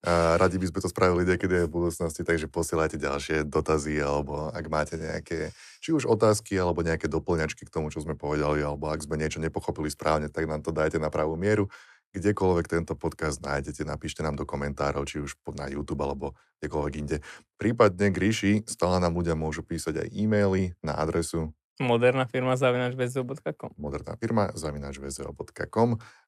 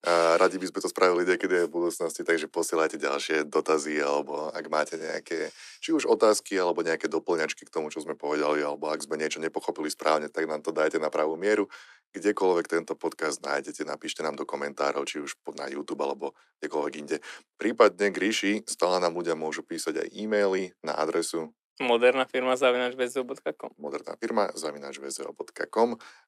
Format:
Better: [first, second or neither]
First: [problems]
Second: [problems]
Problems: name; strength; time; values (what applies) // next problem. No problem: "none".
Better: first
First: none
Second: thin; somewhat; fading below 250 Hz